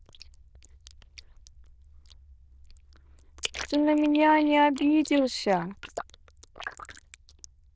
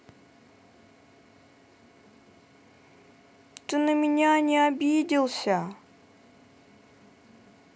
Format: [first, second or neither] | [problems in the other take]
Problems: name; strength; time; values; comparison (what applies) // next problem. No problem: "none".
second | noise reduction (neural diffusion model UNIVERSE++)